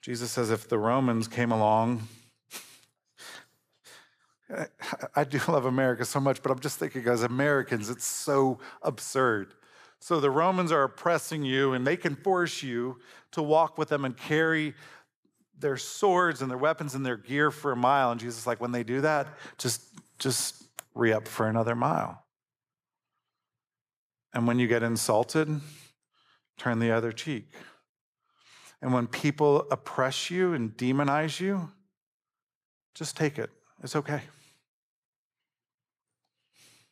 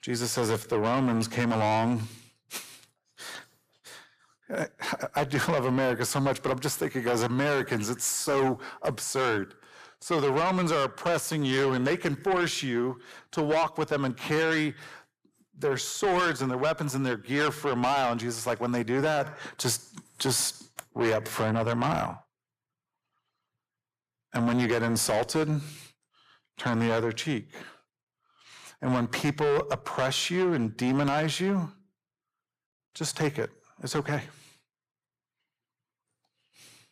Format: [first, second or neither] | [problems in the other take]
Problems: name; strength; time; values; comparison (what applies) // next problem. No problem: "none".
first | distortion; heavy; 7 dB below the speech